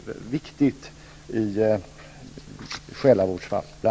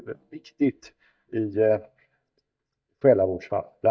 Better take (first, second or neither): first